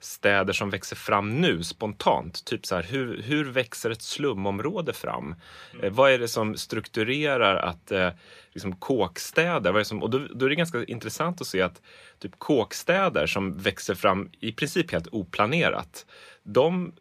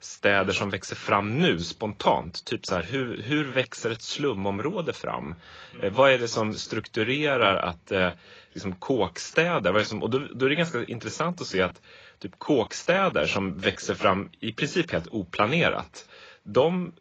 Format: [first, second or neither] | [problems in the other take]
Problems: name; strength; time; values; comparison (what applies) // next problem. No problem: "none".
first | garbled, watery; badly; nothing above 7.5 kHz